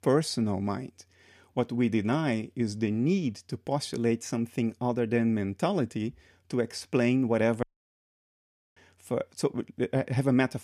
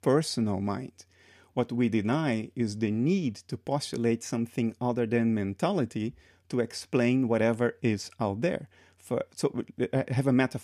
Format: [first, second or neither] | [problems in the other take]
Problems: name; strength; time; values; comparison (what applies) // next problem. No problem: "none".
second | audio cutting out; at 7.5 s for 1 s